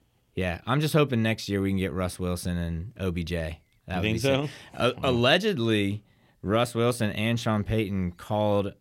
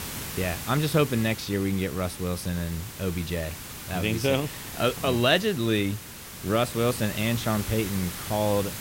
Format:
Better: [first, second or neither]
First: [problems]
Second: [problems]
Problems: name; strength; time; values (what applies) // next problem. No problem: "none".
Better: first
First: none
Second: hiss; loud; throughout; 9 dB below the speech